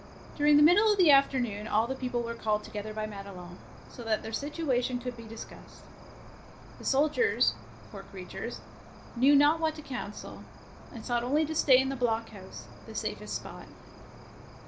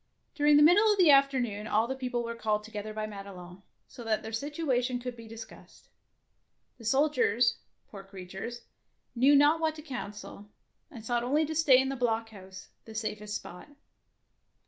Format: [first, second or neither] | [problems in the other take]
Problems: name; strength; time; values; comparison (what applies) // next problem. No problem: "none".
second | background sound (Cricket); 17 dB below the speech